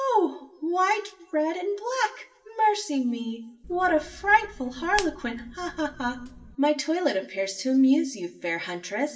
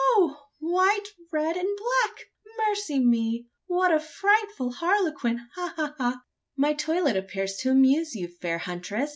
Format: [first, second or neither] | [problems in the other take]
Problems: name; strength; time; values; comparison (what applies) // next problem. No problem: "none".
second | background sound (Hands); 16 dB below the speech // room echo; dies away in 0.8 s